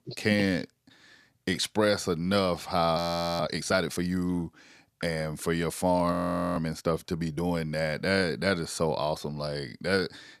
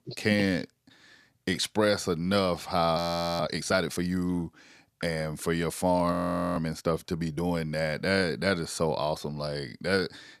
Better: neither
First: audio freezing; at 3 s and at 6 s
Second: audio freezing; at 3 s and at 6 s

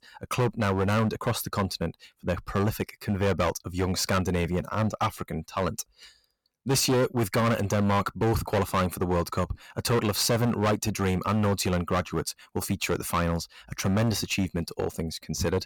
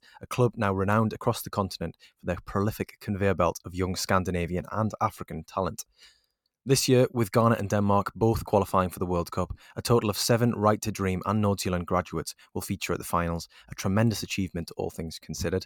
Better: second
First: distortion; heavy; 12% of the sound clipped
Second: none

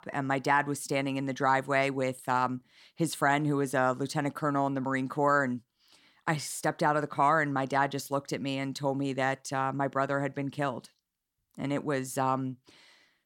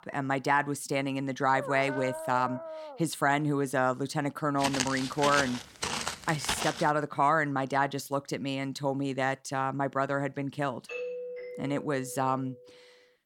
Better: first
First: none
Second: dog barking; noticeable; from 1.5 to 3 s; peak 7 dB below the speech // footsteps; noticeable; from 4.5 to 7 s; peak 1 dB below the speech // doorbell; noticeable; from 11 to 13 s; peak 7 dB below the speech

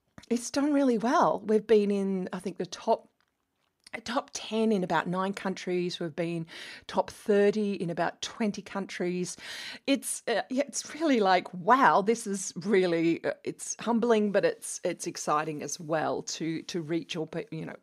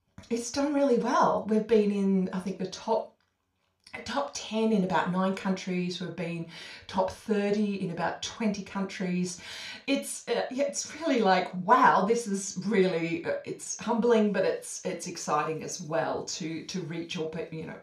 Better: first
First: none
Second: room echo; very slight; dies away in 0.3 s

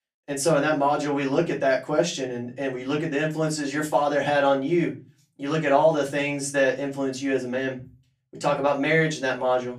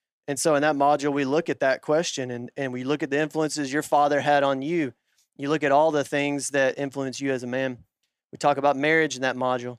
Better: second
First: off-mic speech; far // room echo; very slight; dies away in 0.3 s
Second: none

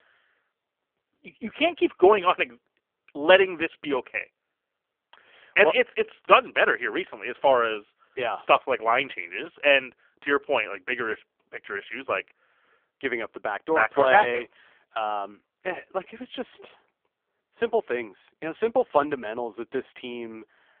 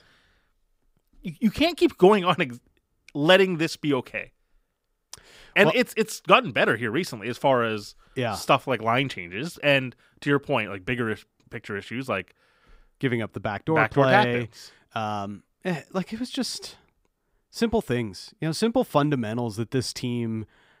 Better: second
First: phone-call audio; poor line; nothing above 3 kHz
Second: none

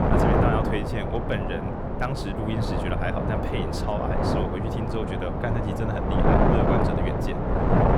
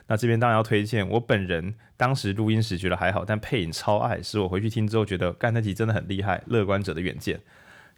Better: second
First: wind noise on the microphone; heavy; 4 dB above the speech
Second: none

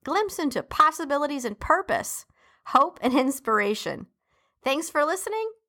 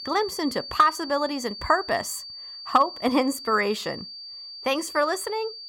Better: first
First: none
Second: high-pitched whine; noticeable; throughout; 4.5 kHz, 10 dB below the speech

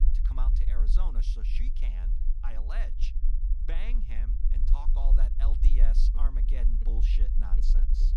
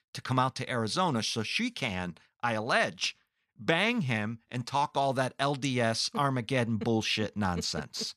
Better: second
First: low rumble; loud; throughout; 6 dB below the speech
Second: none

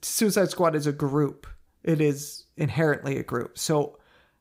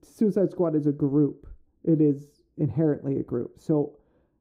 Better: first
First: none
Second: muffled; very; fading above 1 kHz

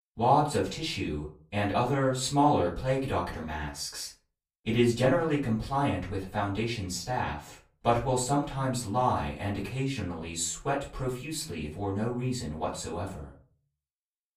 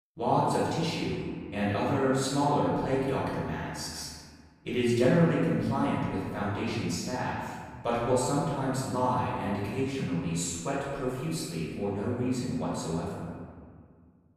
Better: first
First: room echo; slight; dies away in 0.3 s // off-mic speech; far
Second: room echo; strong; dies away in 1.7 s // off-mic speech; far

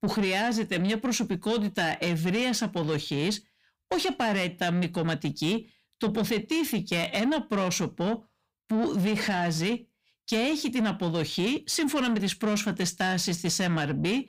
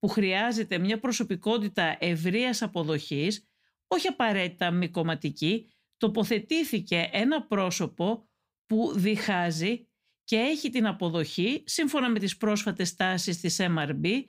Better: second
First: distortion; slight; 10 dB below the speech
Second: none

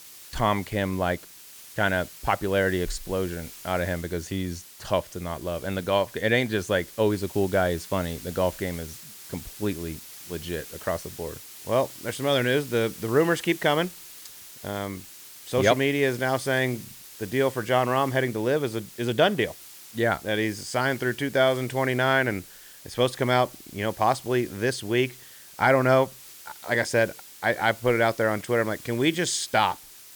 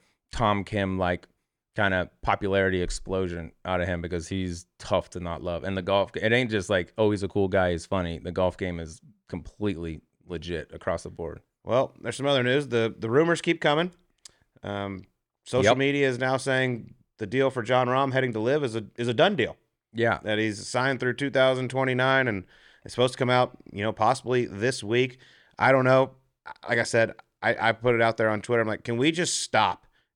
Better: second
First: hiss; noticeable; throughout; 15 dB below the speech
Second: none

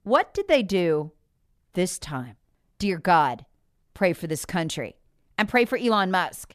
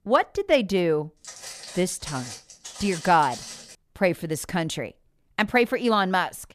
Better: first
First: none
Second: footsteps; faint; from 1 to 4 s; peak 10 dB below the speech

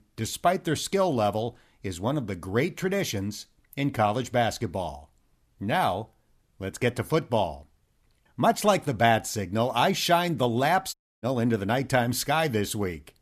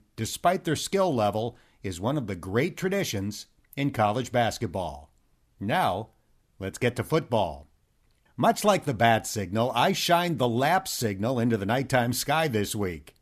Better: second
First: audio cutting out; at 11 s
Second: none

